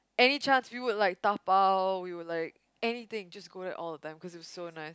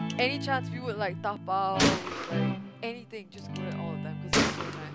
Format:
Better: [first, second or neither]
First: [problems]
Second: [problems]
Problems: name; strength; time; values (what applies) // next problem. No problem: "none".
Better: first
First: none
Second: background sound (Guitar + Gunshot, gunfire); 3 dB above the speech